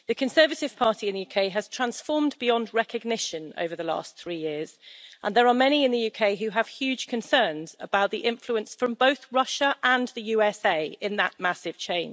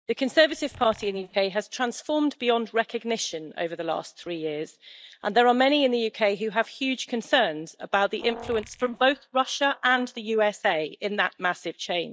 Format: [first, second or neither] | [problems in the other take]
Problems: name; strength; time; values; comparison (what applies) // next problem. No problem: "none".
first | noise reduction (neural mask model DeepFilterNet 3)